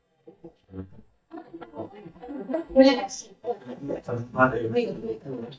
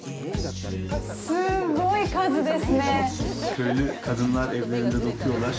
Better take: second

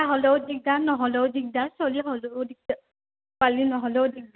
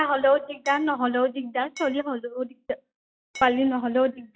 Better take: first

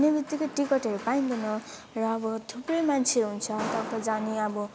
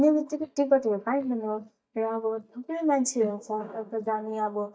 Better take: first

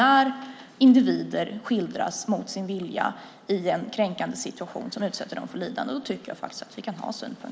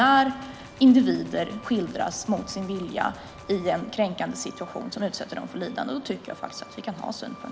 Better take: first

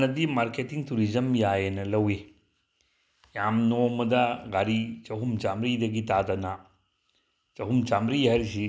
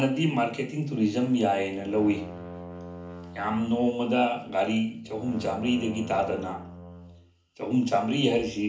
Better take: first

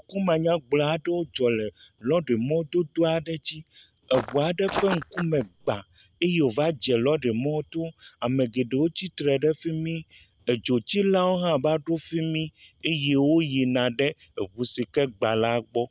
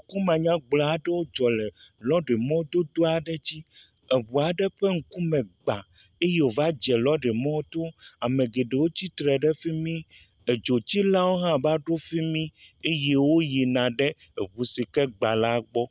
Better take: second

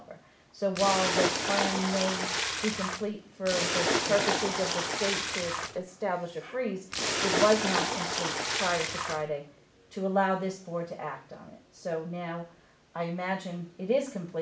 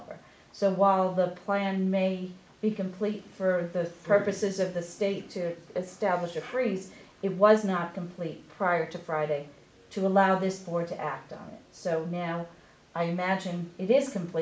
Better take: second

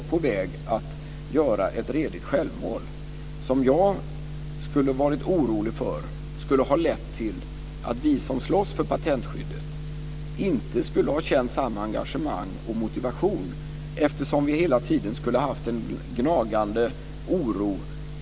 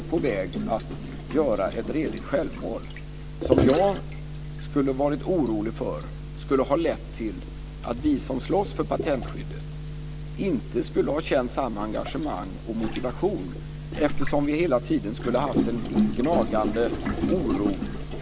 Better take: first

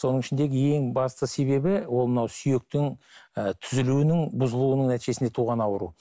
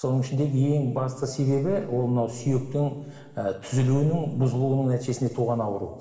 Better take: first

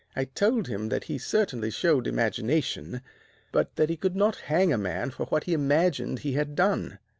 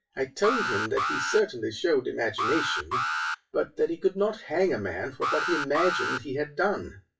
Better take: first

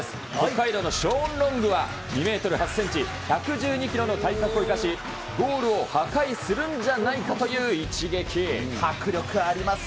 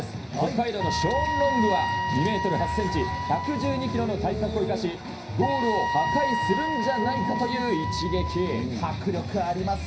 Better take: first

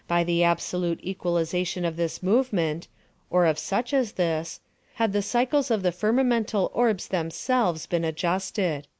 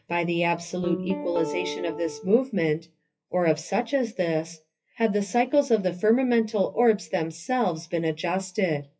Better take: first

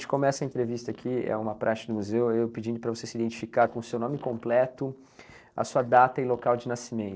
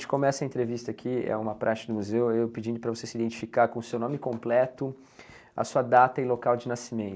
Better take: second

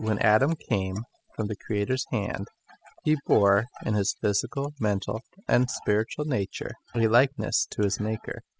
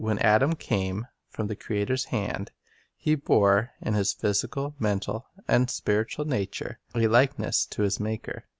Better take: second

